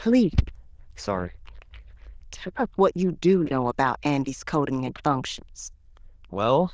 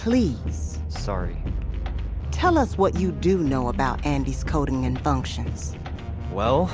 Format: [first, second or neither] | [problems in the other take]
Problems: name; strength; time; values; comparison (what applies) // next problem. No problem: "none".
second | noise reduction (neural diffusion model UNIVERSE++)